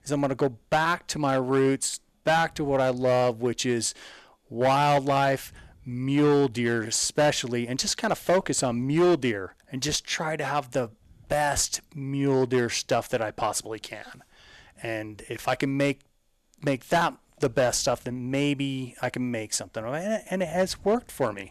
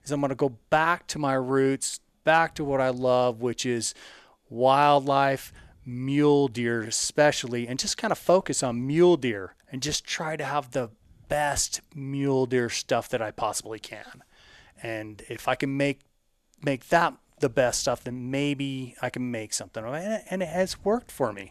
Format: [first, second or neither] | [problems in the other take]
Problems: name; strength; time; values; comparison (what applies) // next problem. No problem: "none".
second | distortion; slight; 5% of the sound clipped